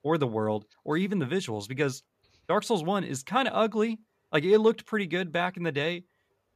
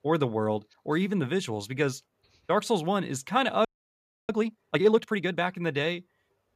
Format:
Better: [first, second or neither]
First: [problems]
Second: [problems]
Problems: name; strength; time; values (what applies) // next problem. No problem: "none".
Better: first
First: none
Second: audio freezing; at 3.5 s for 0.5 s